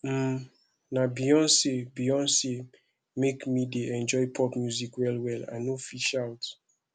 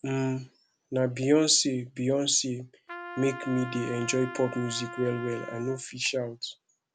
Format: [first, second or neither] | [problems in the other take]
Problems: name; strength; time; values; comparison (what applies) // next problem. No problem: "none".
first | background sound (Trumpet); 12 dB below the speech